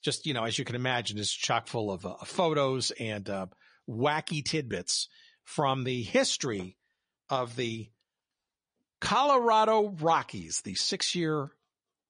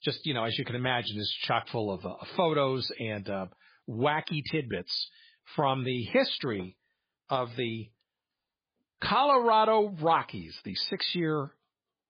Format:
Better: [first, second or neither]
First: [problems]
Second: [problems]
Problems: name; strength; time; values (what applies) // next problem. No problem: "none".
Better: first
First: garbled, watery; slightly; nothing above 10 kHz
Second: garbled, watery; badly